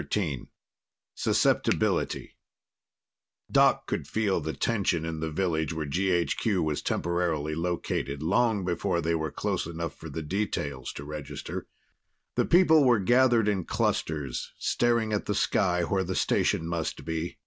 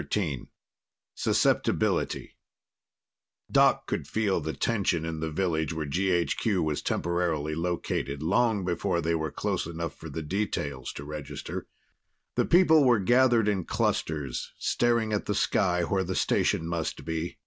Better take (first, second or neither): second